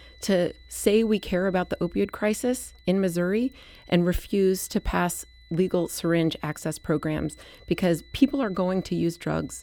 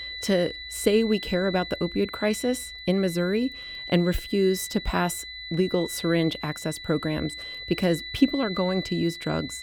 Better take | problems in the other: first | high-pitched whine; loud; throughout; 4 kHz, 9 dB below the speech; faint in the first

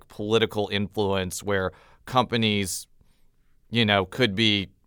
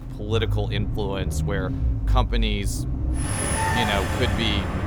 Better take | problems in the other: first | traffic noise; very loud; throughout; 2 dB above the speech

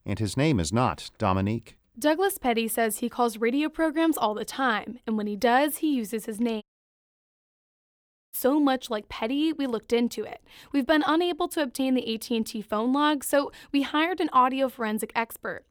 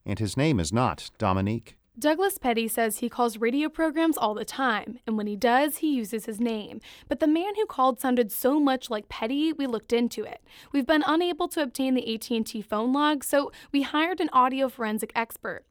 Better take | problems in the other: second | audio cutting out; at 6.5 s for 1.5 s

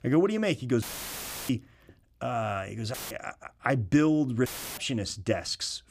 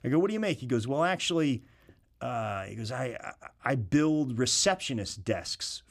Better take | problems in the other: second | audio cutting out; filled with static; at 1 s for 0.5 s, at 3 s and at 4.5 s

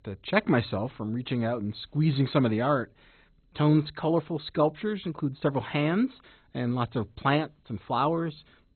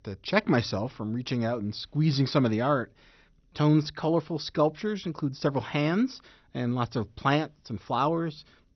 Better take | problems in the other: second | garbled, watery; badly; nothing above 4 kHz; slightly in the second

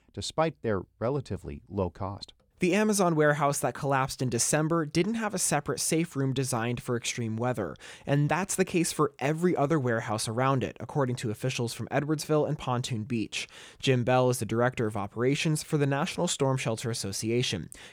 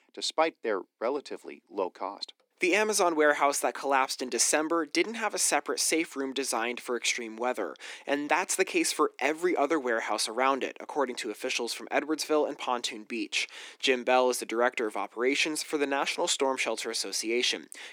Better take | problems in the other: first | thin; somewhat; fading below 250 Hz

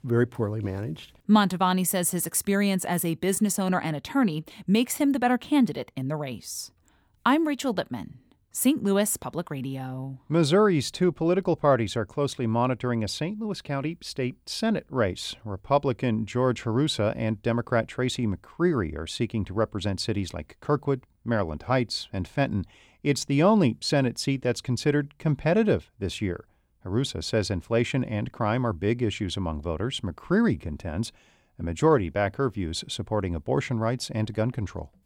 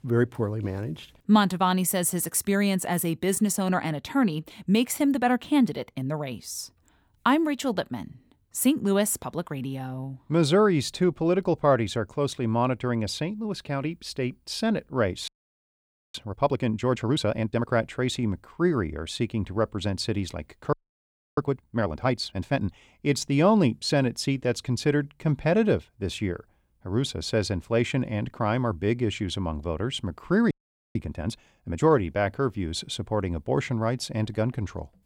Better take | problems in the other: first | audio freezing; at 15 s for 1 s, at 21 s for 0.5 s and at 31 s

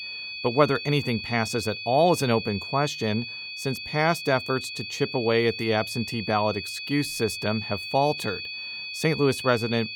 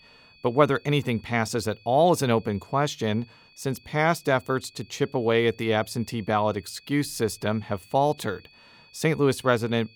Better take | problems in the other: second | high-pitched whine; loud; throughout; 2.5 kHz, 7 dB below the speech; faint in the second

